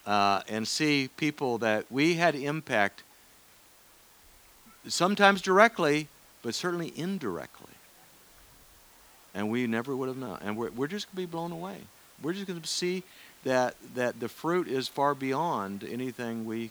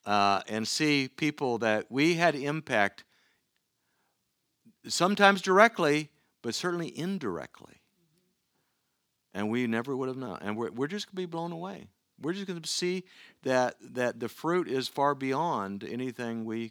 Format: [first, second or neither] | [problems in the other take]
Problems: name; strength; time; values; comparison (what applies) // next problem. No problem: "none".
second | hiss; faint; throughout; 25 dB below the speech